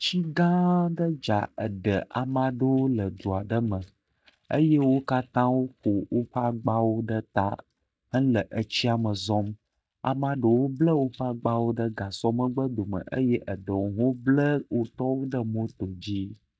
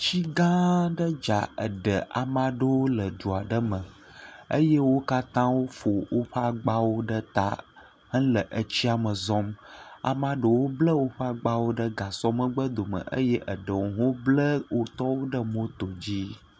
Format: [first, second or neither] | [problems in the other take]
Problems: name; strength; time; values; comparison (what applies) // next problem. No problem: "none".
second | noise reduction (neural mask model DeepFilterNet 3)